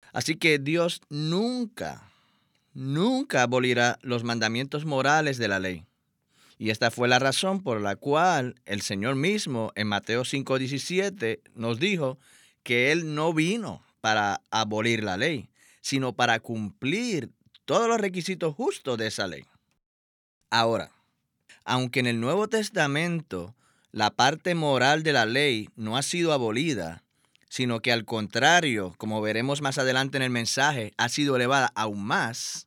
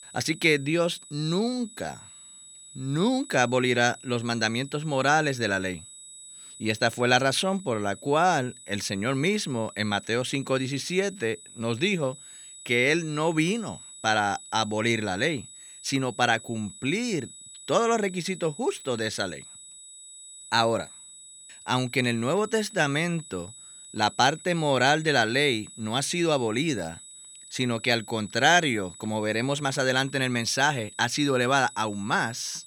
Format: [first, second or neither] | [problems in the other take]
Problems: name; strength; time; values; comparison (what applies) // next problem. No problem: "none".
first | high-pitched whine; noticeable; throughout; 8 kHz, 20 dB below the speech